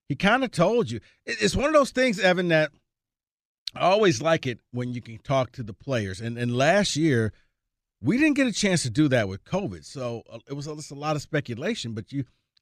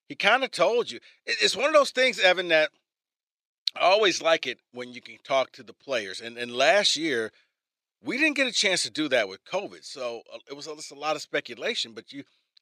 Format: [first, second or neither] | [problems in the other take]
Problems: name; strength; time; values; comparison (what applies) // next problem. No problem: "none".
first | thin; somewhat; fading below 500 Hz